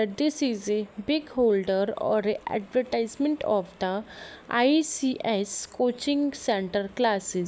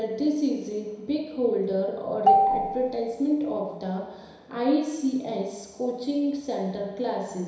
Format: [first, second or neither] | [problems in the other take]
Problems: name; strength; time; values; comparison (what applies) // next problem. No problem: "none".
first | background sound (Marimba, xylophone); 2 dB above the speech // room echo; dies away in 1 s